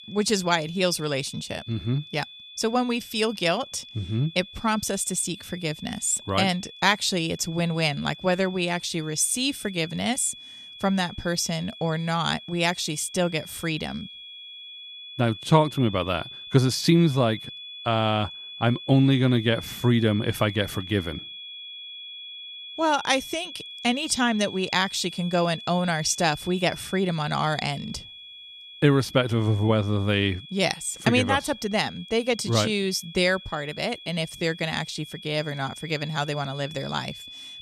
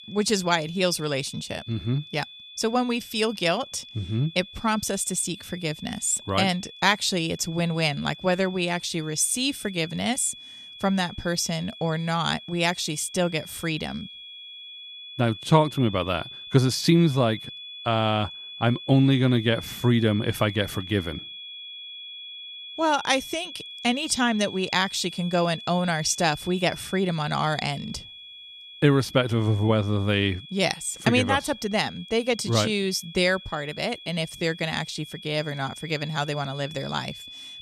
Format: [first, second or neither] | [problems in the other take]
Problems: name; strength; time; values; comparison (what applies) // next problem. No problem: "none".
neither | high-pitched whine; noticeable; throughout; 3.5 kHz, 15 dB below the speech; the same in both